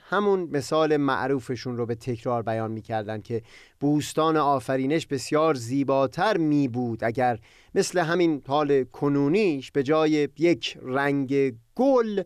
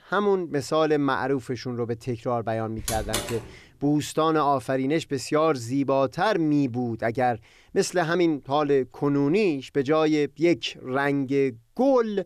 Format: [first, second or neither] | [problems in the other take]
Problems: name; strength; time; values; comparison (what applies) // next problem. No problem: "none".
first | door banging; noticeable; at 3 s; peak 4 dB below the speech